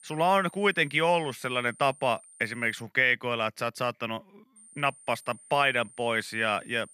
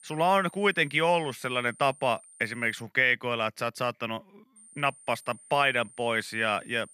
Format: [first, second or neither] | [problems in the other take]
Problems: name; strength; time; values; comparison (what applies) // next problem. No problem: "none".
neither | high-pitched whine; faint; until 3 s and from 4.5 s on; 9 kHz, 25 dB below the speech; the same in both